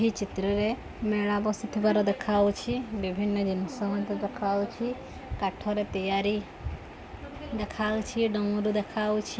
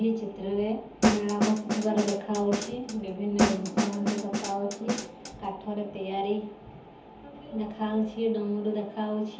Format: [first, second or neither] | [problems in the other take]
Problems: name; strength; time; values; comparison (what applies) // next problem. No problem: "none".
first | background sound (Snare drum); 1 dB above the speech // room echo; dies away in 0.7 s